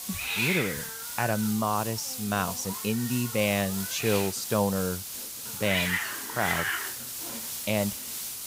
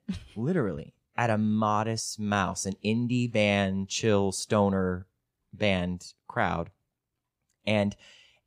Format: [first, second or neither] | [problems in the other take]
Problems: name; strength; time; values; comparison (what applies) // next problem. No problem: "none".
second | hiss; loud; throughout; 2 dB below the speech